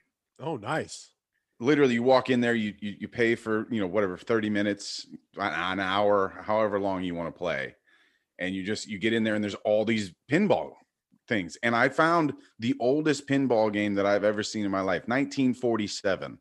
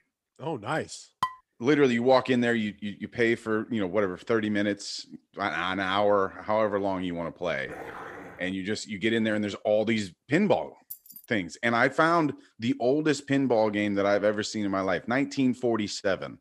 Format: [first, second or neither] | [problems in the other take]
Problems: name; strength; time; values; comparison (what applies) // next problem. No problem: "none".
first | clattering dishes; noticeable; at 1 s; peak 6 dB below the speech // dog barking; faint; at 7.5 s; peak 15 dB below the speech // jangling keys; faint; at 11 s; peak 15 dB below the speech